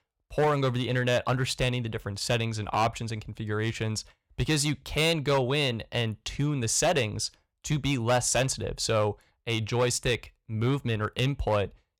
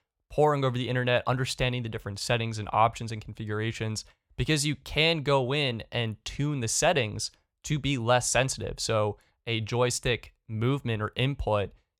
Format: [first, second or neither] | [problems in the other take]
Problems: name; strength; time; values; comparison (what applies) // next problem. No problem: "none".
second | distortion; slight; 4% of the sound clipped